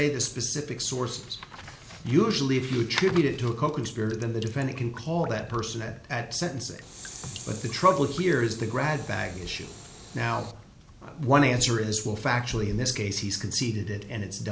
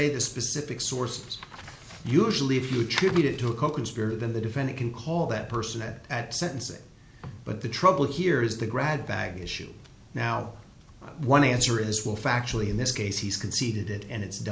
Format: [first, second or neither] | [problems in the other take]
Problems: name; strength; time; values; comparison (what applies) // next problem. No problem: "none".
second | background sound (Drip + Train); 18 dB below the speech